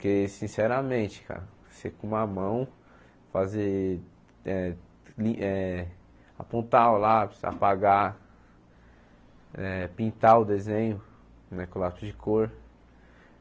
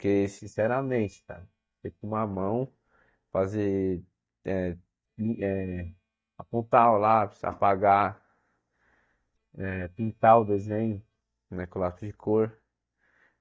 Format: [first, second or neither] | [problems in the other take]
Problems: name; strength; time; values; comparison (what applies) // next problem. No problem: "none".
first | noise reduction (neural mask model DeepFilterNet 3)